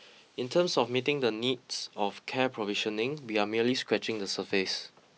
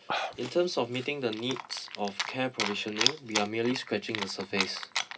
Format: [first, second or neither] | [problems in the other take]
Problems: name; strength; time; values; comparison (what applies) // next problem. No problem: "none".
first | background sound (Chewing, mastication); 3 dB below the speech // room echo; dies away in 0.4 s